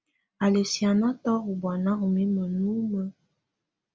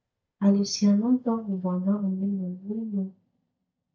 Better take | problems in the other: first | noise reduction (neural mask model DeepFilterNet 3)

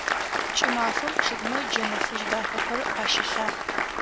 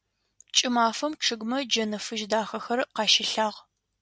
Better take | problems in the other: second | background sound (Applause); 4 dB above the speech

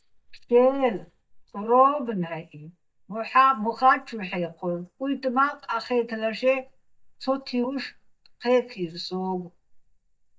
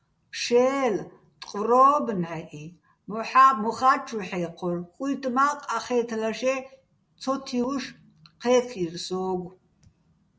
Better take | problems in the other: second | noise reduction (neural mask model DeepFilterNet 3)

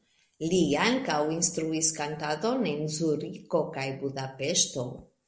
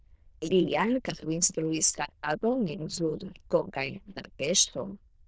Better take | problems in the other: first | noise reduction (neural diffusion model UNIVERSE++)

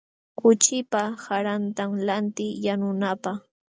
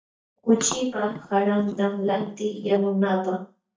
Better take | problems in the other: first | noise reduction (neural mask model DeepFilterNet 3)

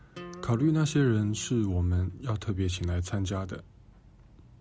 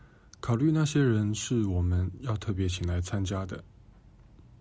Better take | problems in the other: second | background sound (Acoustic guitar); 18 dB below the speech

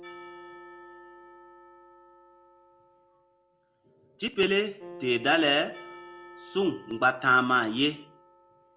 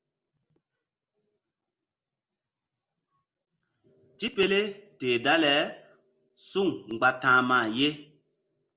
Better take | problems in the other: second | background sound (Acoustic guitar + Percussion); 19 dB below the speech

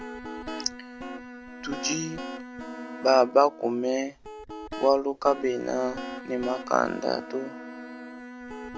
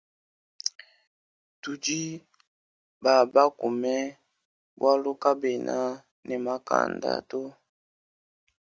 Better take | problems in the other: second | background sound (Bowed string instrument + Guitar); 11 dB below the speech

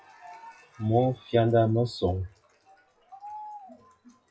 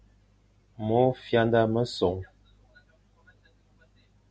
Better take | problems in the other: second | noise reduction (classical method WPE with log-MMSE)

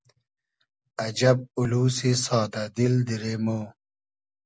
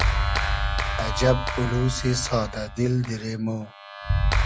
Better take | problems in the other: first | background sound (Clapping); 1 dB above the speech

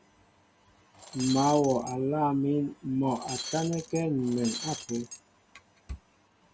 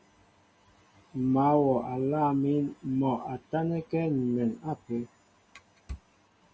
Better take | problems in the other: second | background sound (Shatter); 10 dB below the speech

